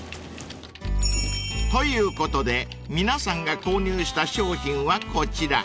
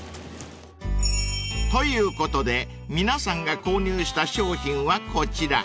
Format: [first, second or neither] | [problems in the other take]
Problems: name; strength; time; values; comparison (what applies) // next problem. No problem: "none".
second | background sound (Thunder / Rain + Typing); 20 dB below the speech